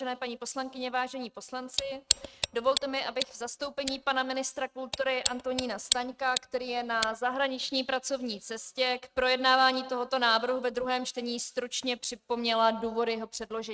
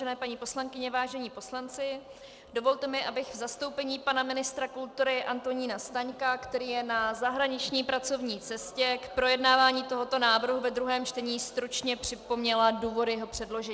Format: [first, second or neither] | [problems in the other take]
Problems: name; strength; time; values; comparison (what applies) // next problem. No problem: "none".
second | noise reduction (neural mask model RNNoise)